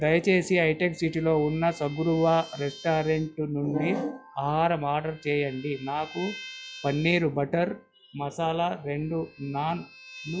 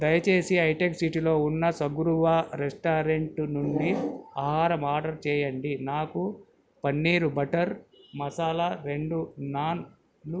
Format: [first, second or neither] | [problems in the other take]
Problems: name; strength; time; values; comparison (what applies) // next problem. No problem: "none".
second | noise reduction (classical method log-MMSE)